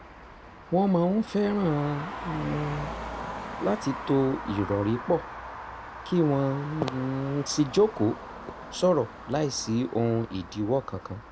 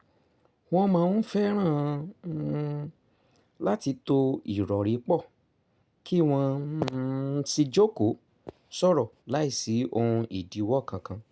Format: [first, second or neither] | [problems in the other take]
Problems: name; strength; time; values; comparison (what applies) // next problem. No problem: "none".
second | background sound (Traffic noise, roadway noise); 11 dB below the speech